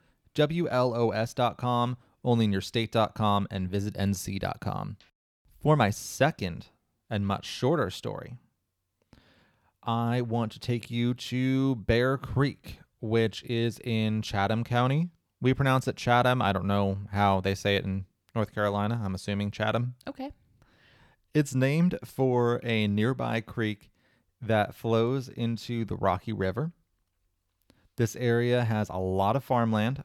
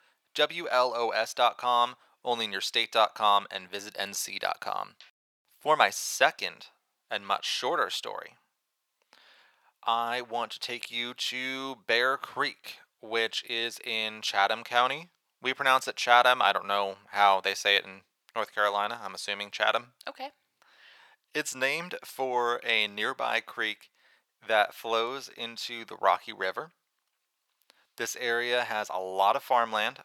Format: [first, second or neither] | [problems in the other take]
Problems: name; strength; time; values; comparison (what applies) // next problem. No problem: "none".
first | thin; very; fading below 850 Hz